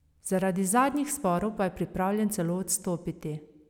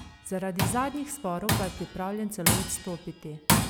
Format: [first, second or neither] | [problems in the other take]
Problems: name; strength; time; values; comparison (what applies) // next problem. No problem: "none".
first | background sound (Tools); 3 dB above the speech